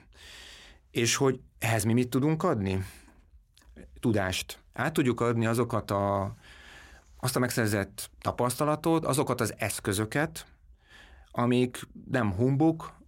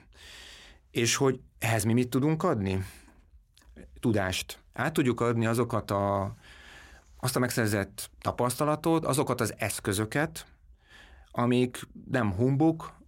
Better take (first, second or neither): neither